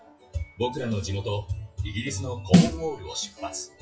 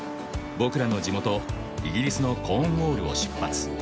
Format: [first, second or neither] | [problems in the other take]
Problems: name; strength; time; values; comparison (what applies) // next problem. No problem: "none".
second | noise reduction (classical method WPE with log-MMSE)